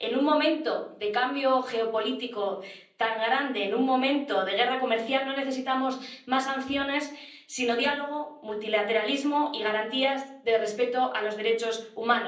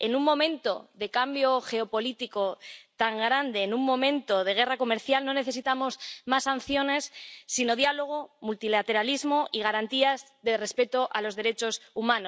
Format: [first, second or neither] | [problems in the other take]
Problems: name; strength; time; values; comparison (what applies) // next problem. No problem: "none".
second | room echo; dies away in 0.6 s